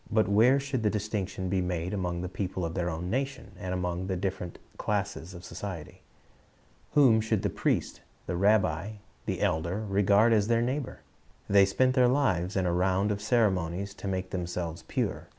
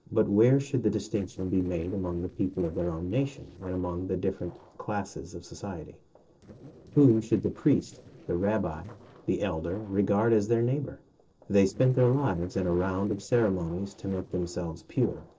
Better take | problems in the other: first | noise reduction (neural separator model SepFormer DNS4)

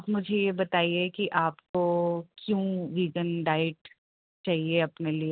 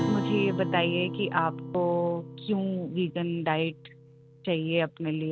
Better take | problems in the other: first | background sound (Acoustic guitar); 7 dB below the speech

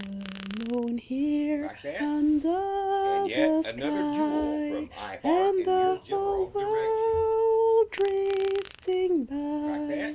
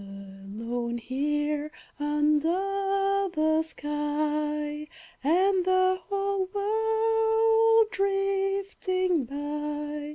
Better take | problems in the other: second | background sound (Fart); 12 dB below the speech

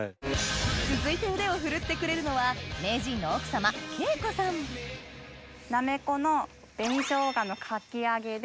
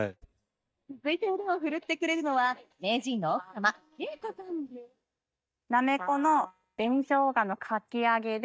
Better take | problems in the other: first | noise reduction (neural mask model DeepFilterNet 3)

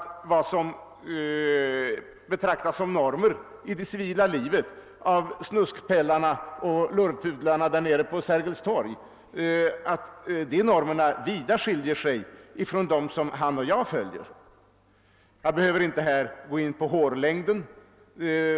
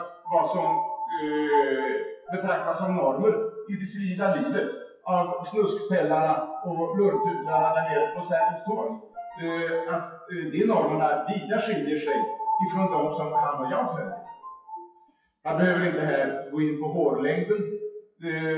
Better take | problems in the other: first | noise reduction (classical method WPE with log-MMSE)

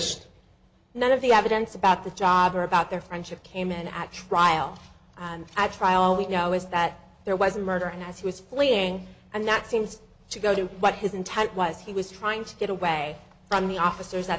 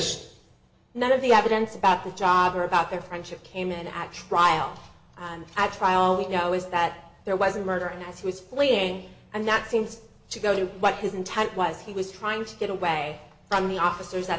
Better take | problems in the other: first | room echo; dies away in 0.6 s

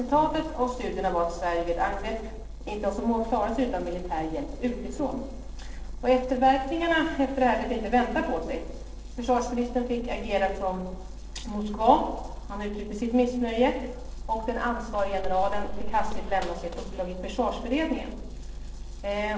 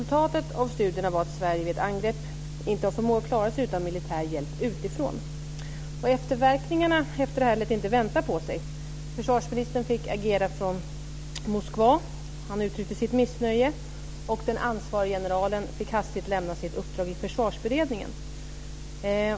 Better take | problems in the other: second | noise reduction (neural separator model SepFormer DNS4)

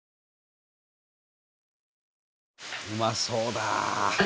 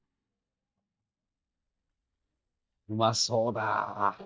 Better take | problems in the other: first | noise reduction (neural mask model DeepFilterNet 3)

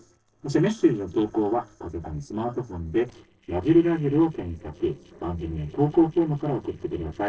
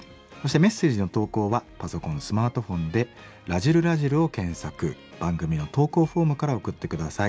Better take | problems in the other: second | noise reduction (neural separator model SepFormer DNS4)

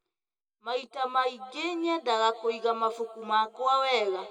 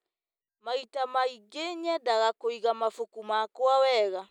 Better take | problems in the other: second | room echo; dies away in 1.4 s

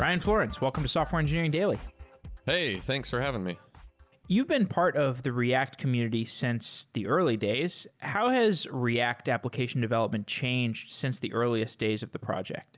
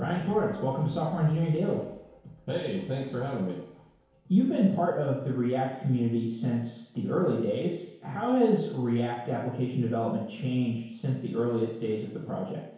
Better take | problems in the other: first | room echo; dies away in 1 s

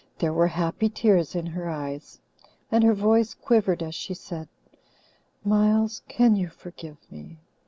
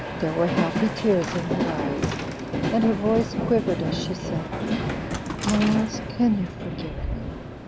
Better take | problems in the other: first | background sound (Train); 2 dB below the speech

